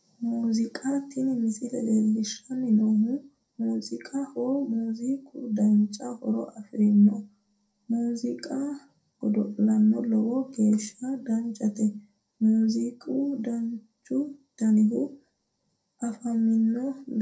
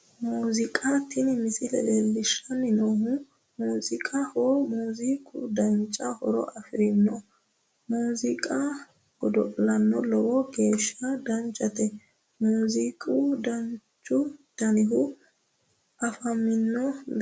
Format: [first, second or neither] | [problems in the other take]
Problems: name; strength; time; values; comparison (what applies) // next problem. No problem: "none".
second | room echo; dies away in 0.2 s